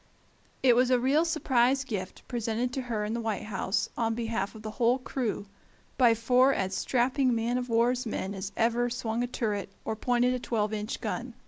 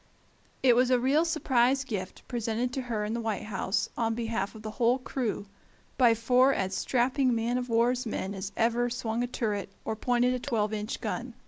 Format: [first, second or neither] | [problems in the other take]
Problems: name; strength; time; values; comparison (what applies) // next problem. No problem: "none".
first | background sound (Tap / Glass); 14 dB below the speech